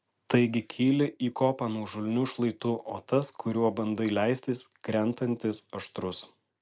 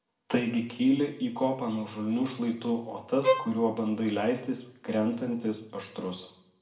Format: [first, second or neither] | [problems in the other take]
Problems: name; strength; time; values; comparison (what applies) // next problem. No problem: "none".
first | background sound (Bowed string instrument); 1 dB below the speech // room echo; dies away in 0.6 s